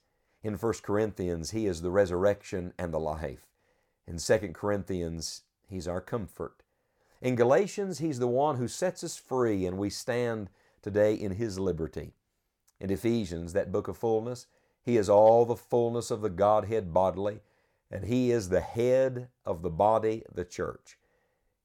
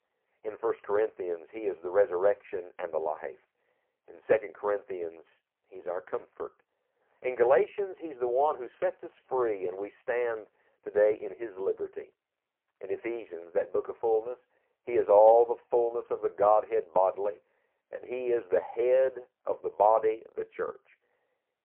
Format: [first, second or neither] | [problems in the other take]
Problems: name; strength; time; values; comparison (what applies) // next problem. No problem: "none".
first | phone-call audio; poor line